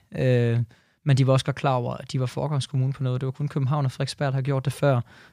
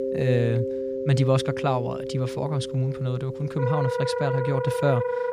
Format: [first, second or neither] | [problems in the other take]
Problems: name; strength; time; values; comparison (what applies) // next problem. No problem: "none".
first | background music; loud; throughout; 3 dB below the speech